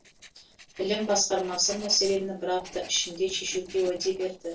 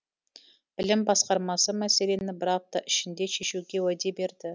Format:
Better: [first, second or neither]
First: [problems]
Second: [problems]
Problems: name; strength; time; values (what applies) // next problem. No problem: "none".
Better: second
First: noise reduction (neural separator model SepFormer DNS4)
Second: none